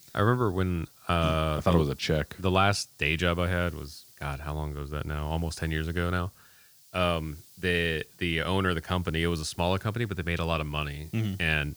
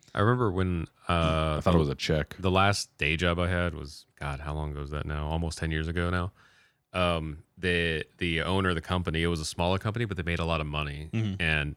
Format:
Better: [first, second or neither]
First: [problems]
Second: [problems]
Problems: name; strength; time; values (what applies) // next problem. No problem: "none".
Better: second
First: hiss; faint; throughout; 25 dB below the speech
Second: none